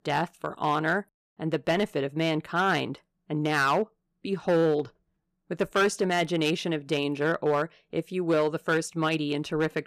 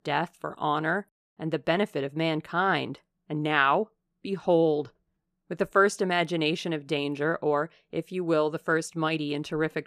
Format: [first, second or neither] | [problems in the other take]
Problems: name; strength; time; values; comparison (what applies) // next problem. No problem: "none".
second | distortion; slight; 4% of the sound clipped